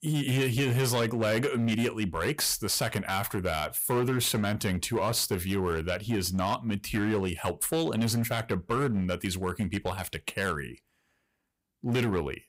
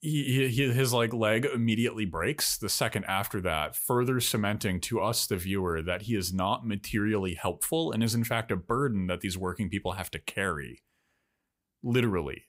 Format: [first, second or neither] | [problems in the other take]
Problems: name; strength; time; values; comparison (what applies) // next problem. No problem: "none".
second | distortion; slight; 9% of the sound clipped